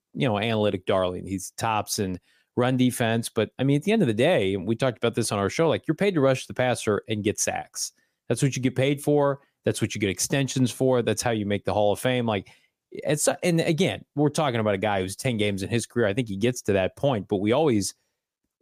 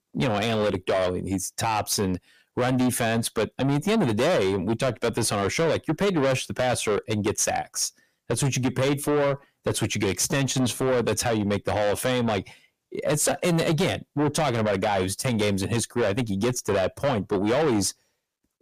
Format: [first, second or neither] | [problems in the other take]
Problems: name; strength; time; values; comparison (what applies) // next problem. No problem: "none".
first | distortion; heavy; 6 dB below the speech